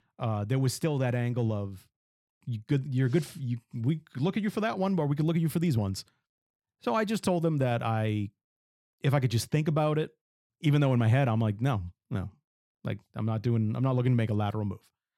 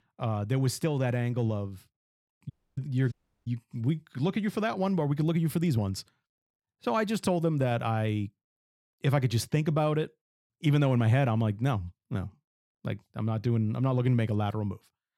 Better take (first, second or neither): first